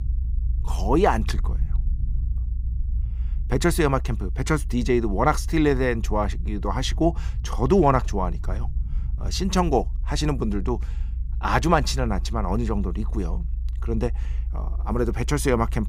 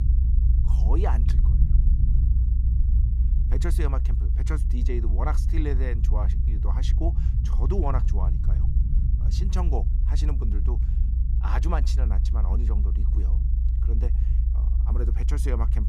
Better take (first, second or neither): first